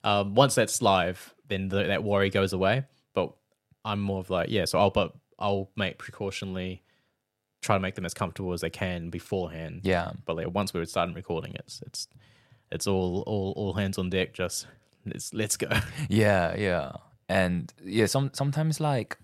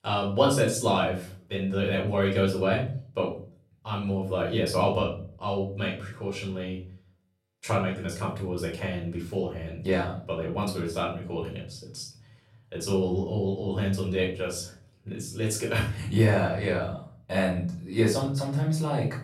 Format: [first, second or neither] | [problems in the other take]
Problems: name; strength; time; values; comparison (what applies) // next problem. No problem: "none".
first | room echo; slight; dies away in 0.5 s // off-mic speech; far